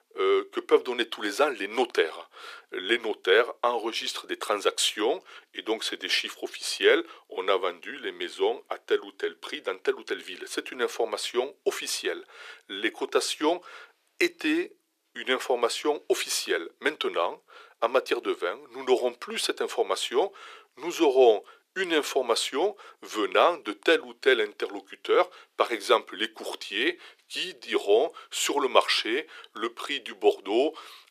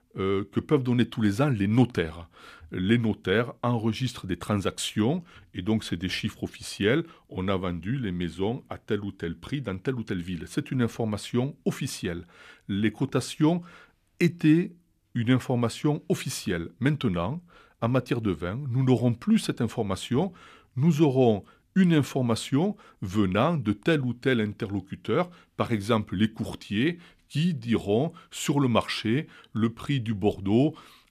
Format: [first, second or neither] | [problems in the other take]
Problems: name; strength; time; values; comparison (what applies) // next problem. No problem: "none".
second | thin; very; fading below 400 Hz